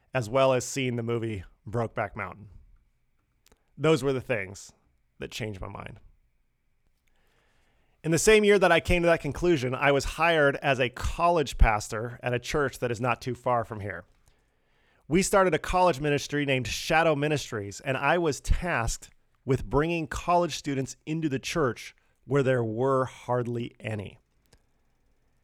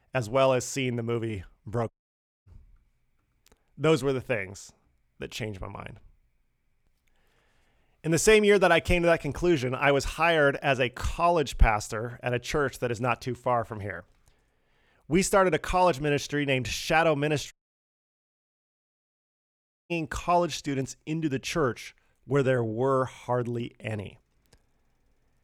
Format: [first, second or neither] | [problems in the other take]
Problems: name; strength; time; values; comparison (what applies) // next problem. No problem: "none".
first | audio cutting out; at 2 s for 0.5 s and at 18 s for 2.5 s